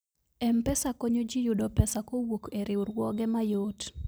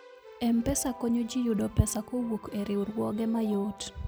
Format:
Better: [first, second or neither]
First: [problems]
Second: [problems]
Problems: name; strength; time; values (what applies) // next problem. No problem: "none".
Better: first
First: none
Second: background sound (Keyboard (musical)); 18 dB below the speech